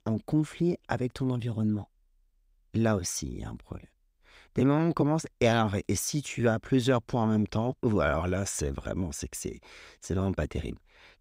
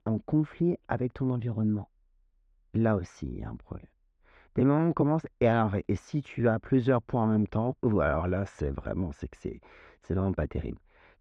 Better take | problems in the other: first | muffled; very; fading above 1.5 kHz

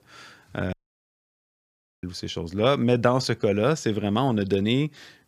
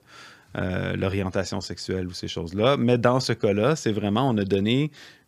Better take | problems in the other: second | audio cutting out; at 0.5 s for 1.5 s

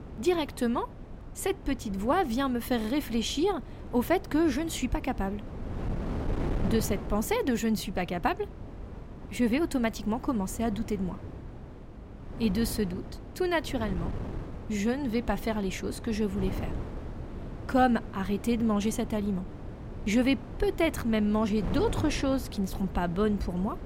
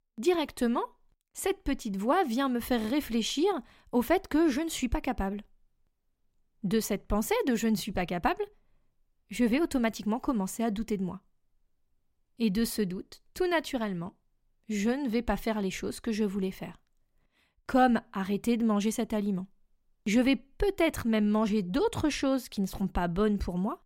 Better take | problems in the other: second | wind noise on the microphone; occasional gusts; 15 dB below the speech

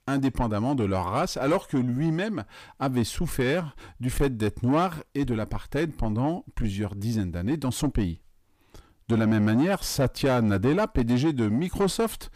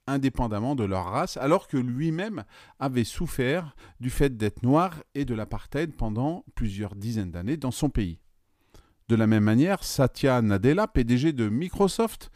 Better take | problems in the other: second | distortion; slight; 10 dB below the speech

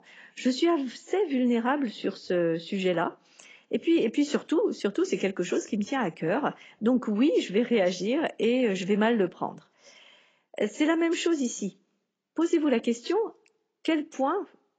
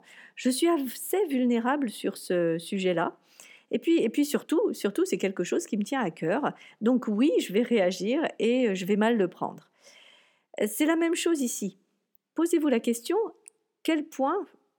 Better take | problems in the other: second | garbled, watery; badly; nothing above 7.5 kHz

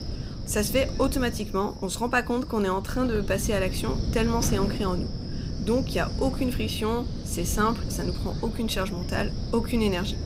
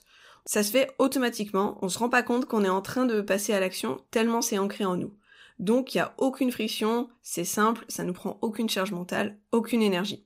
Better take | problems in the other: second | wind noise on the microphone; occasional gusts; 10 dB below the speech

